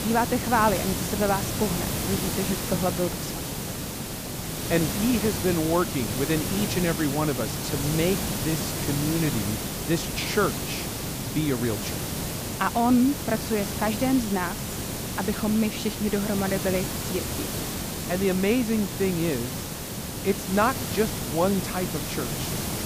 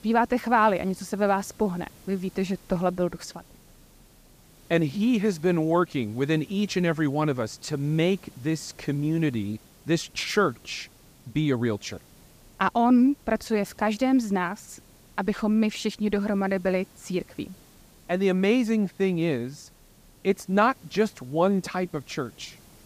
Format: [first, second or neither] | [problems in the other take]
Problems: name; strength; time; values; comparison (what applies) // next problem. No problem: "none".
second | hiss; loud; throughout; 3 dB below the speech; faint in the second